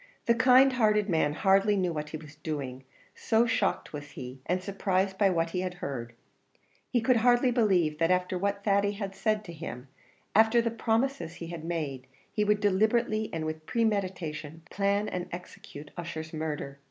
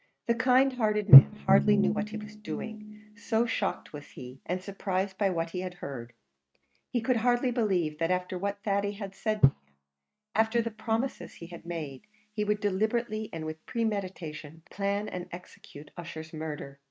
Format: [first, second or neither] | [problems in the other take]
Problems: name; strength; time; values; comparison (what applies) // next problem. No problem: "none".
first | noise reduction (neural mask model RNNoise)